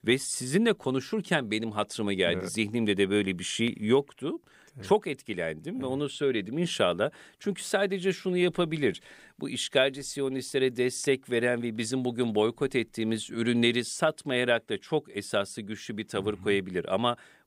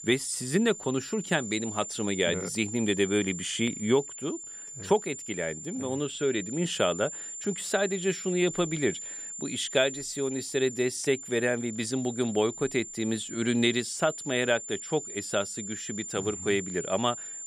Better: first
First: none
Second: high-pitched whine; loud; throughout; 7 kHz, 8 dB below the speech

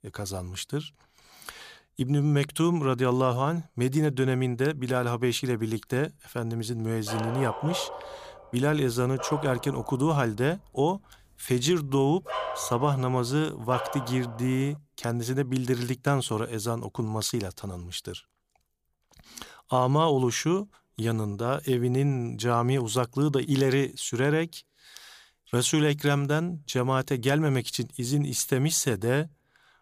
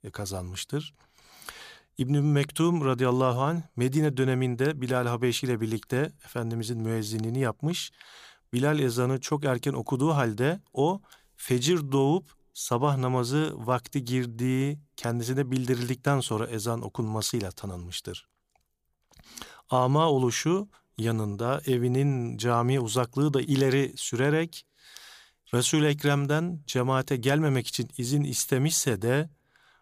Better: second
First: dog barking; noticeable; from 7 to 14 s; peak 5 dB below the speech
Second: none

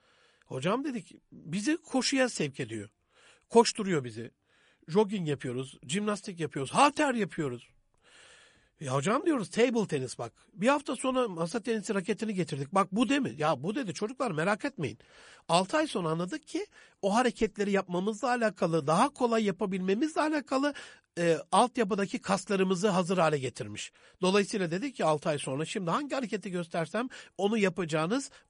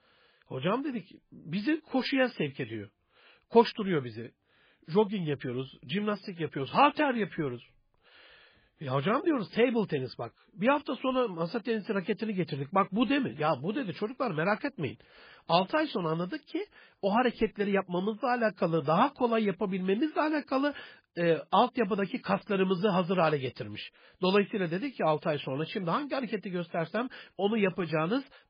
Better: first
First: garbled, watery; slightly; nothing above 10.5 kHz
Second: garbled, watery; badly; nothing above 5 kHz

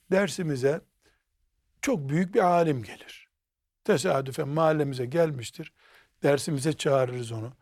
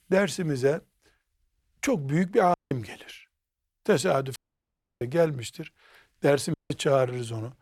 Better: first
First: none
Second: audio cutting out; at 2.5 s, at 4.5 s for 0.5 s and at 6.5 s

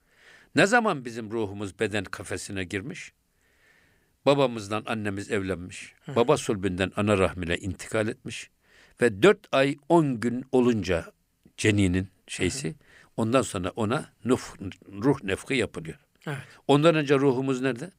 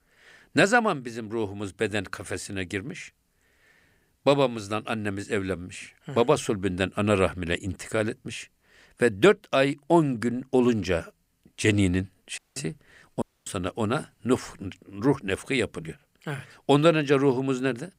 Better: first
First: none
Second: audio cutting out; at 12 s and at 13 s

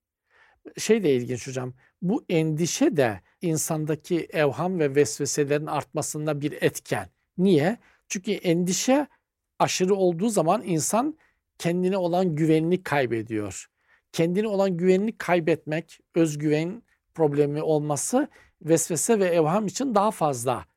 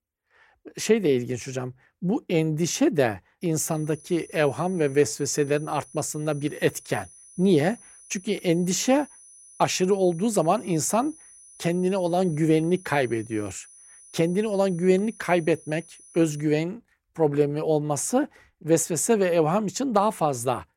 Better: first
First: none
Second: high-pitched whine; faint; from 3.5 to 16 s; 10 kHz, 25 dB below the speech

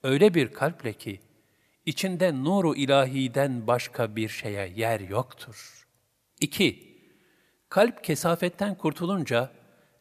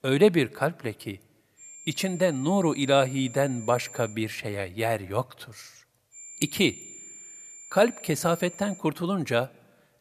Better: first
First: none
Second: high-pitched whine; noticeable; from 1.5 to 4 s and from 6 to 9 s; 7 kHz, 15 dB below the speech

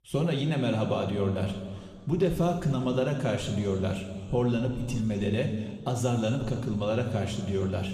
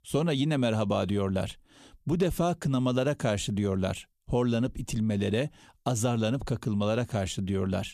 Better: second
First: room echo; noticeable; dies away in 2 s // off-mic speech; somewhat distant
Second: none

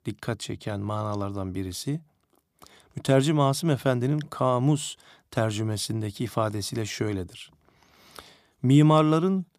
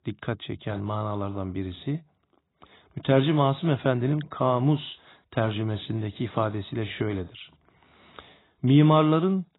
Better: first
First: none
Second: garbled, watery; badly; nothing above 4 kHz

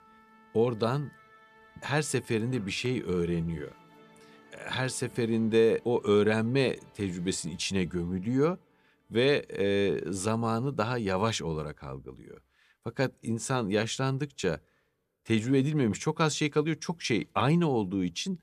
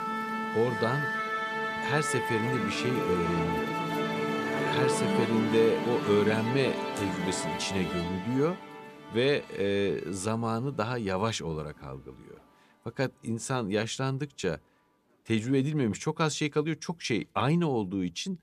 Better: first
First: background music; faint; throughout; 30 dB below the speech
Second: background music; loud; throughout; 1 dB below the speech

